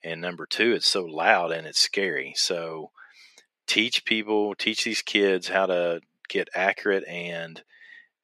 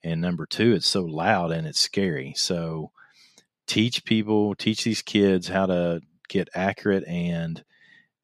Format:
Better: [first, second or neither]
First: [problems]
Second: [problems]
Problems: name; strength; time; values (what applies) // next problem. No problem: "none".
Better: second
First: thin; somewhat; fading below 450 Hz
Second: none